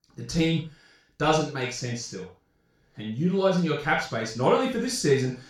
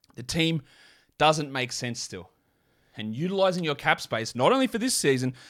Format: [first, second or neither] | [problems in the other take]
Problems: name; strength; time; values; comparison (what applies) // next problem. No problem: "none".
second | room echo; noticeable; dies away in 0.3 s // off-mic speech; far